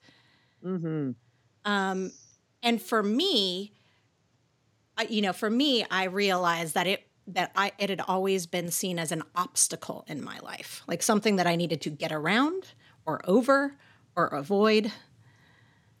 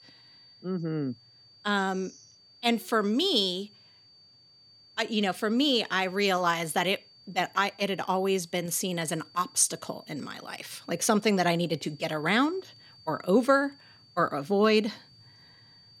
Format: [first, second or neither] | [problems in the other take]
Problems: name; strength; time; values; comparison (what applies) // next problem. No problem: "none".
first | high-pitched whine; faint; throughout; 4.5 kHz, 25 dB below the speech